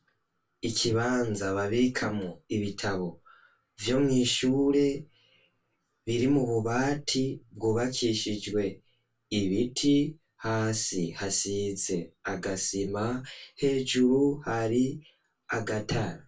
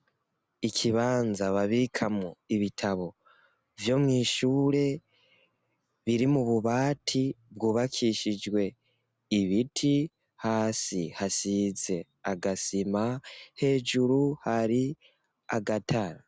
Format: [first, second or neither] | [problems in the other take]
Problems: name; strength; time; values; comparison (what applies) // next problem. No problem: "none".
second | room echo; dies away in 0.1 s